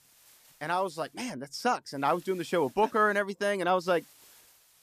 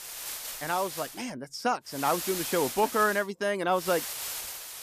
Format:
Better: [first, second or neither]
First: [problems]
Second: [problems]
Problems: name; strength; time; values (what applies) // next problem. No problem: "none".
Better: first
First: hiss; faint; until 1 s, from 2 to 3 s and from 4 s on; 25 dB below the speech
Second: hiss; loud; until 1 s, from 2 to 3 s and from 4 s on; 6 dB below the speech